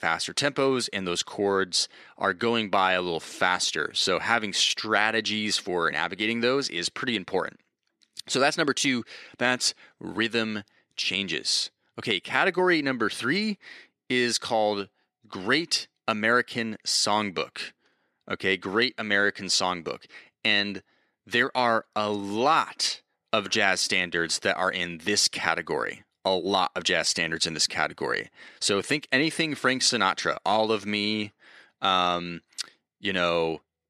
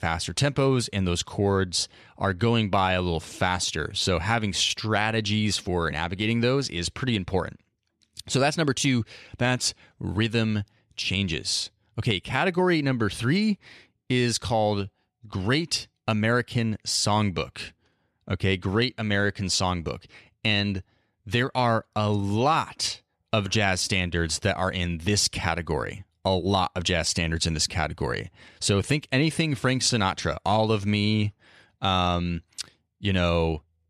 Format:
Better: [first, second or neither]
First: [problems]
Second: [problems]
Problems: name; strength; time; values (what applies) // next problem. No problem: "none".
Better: second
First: thin; somewhat; fading below 300 Hz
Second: none